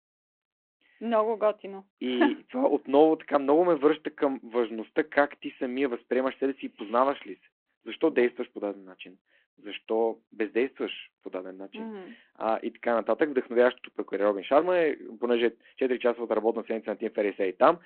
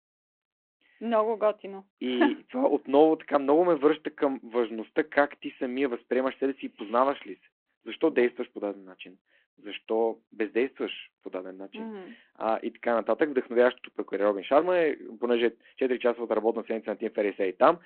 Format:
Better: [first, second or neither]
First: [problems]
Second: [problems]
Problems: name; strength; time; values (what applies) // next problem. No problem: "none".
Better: neither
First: phone-call audio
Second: phone-call audio